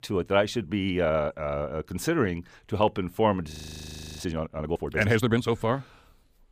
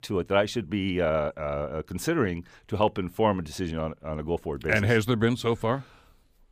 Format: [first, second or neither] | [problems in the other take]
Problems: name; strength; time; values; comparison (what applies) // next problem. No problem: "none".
second | audio freezing; at 3.5 s for 0.5 s